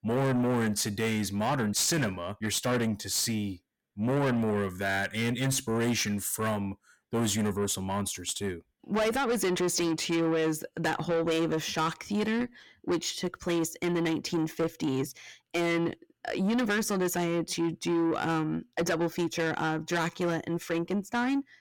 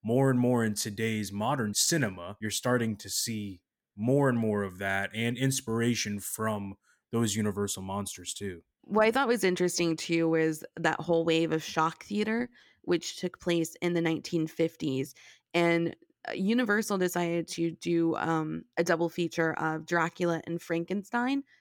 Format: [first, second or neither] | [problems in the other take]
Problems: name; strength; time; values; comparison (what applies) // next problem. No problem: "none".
second | distortion; heavy; 7 dB below the speech